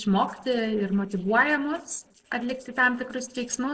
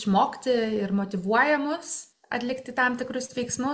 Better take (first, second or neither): second